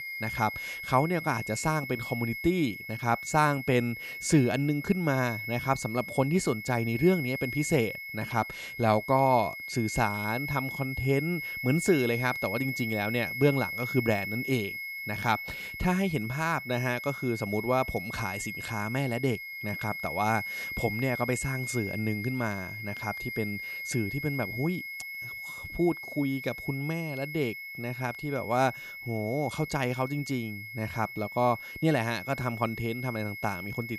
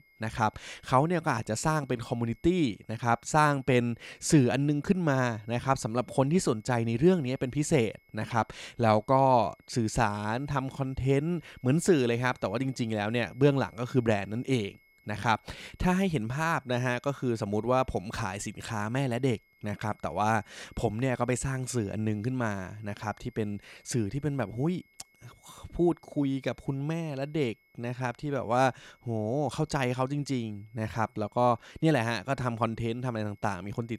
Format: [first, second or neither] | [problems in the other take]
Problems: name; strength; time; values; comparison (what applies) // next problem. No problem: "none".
second | high-pitched whine; loud; throughout; 2 kHz, 6 dB below the speech; faint in the second